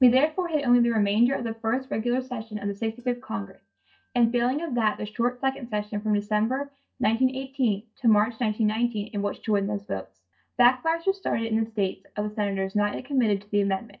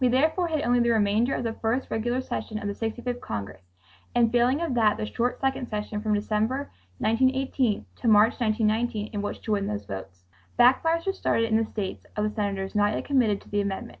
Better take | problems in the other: second | noise reduction (neural mask model DeepFilterNet 3)

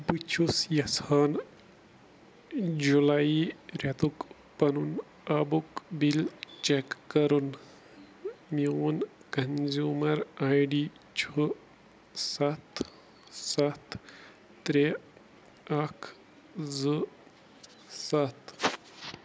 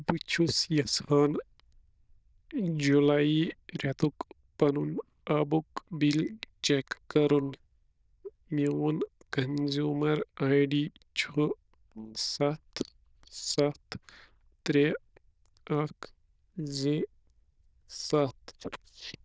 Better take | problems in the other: first | noise reduction (neural diffusion model UNIVERSE++)

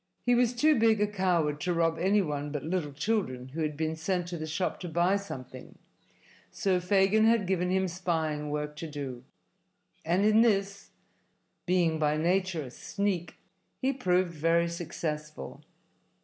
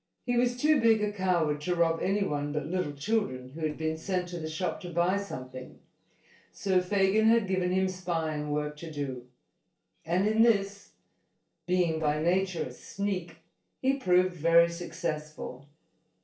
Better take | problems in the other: first | noise reduction (neural separator model SepFormer DNS4)

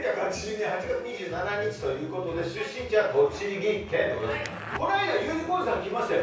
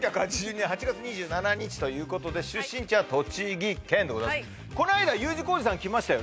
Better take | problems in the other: second | background sound (Zipper (clothing)); 13 dB below the speech // room echo; dies away in 0.6 s

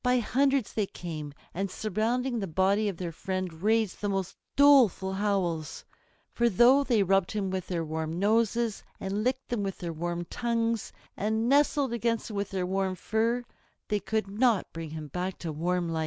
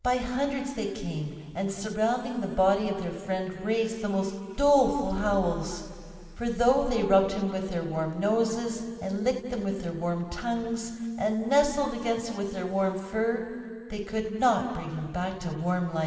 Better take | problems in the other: first | background sound (Engine starting / Car); 13 dB below the speech // room echo; dies away in 2.3 s

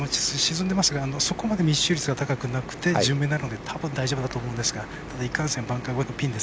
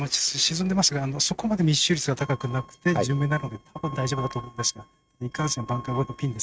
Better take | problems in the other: first | noise reduction (neural mask model RNNoise)

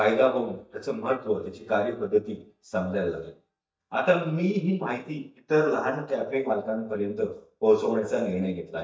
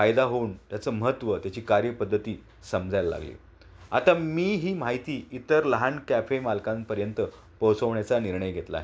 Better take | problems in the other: second | noise reduction (neural mask model DeepFilterNet 3)

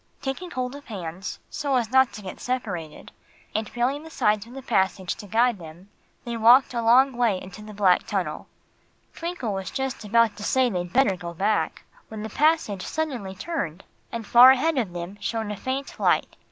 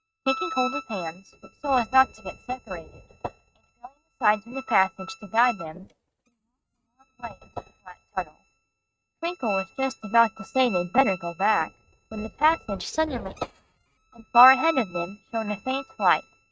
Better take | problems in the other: first | noise reduction (neural mask model RNNoise)

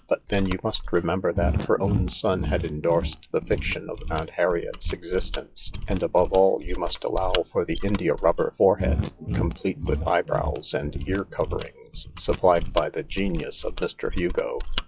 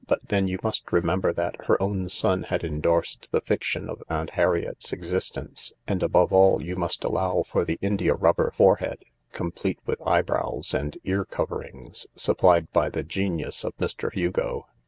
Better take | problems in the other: second | noise reduction (classical method log-MMSE)

